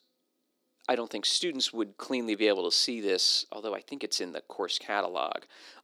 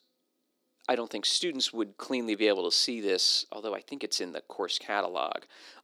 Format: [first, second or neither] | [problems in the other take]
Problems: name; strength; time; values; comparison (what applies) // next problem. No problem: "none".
neither | thin; somewhat; fading below 300 Hz; the same in both